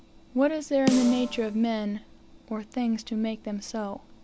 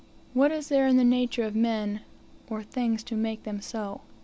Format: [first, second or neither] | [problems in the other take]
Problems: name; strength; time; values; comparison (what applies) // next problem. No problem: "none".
second | background sound (Snare drum); 7 dB below the speech